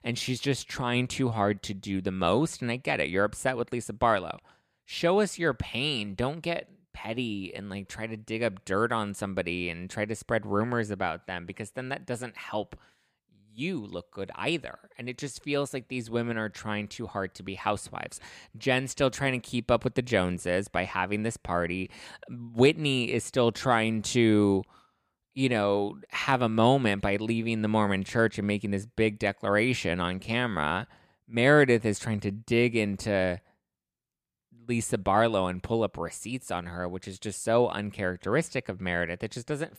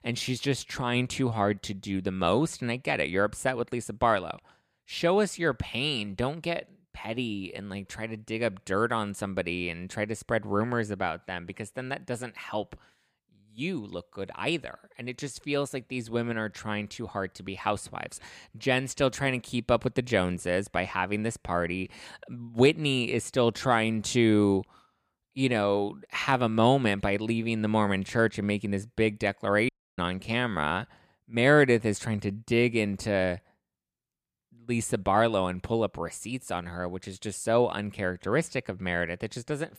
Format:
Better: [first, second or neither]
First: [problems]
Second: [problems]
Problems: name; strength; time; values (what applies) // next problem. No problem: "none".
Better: first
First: none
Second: audio cutting out; at 30 s